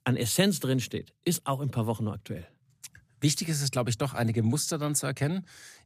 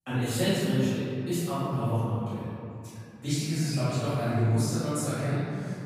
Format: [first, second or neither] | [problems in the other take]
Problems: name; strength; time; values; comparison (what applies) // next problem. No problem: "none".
first | off-mic speech; far // room echo; strong; dies away in 2.6 s